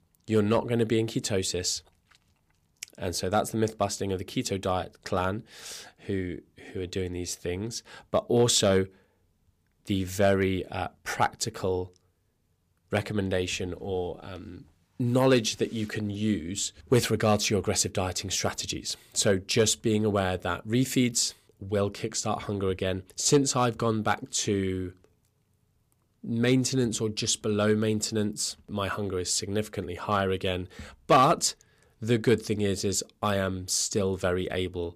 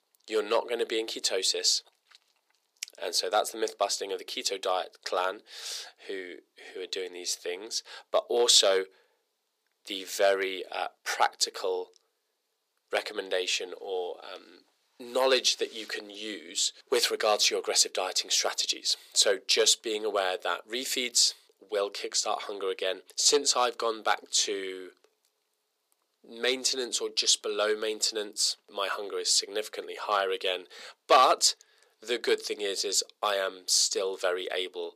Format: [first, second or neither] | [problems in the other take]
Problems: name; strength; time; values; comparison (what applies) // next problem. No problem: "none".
first | thin; very; fading below 400 Hz